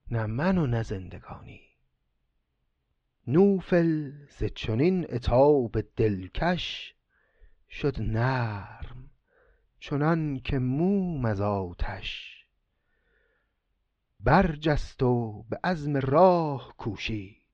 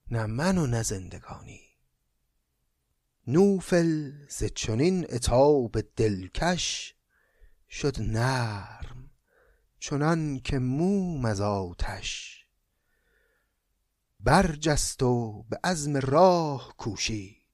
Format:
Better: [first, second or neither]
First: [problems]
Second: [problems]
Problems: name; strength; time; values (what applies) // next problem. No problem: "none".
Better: second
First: muffled; slightly; fading above 3.5 kHz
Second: none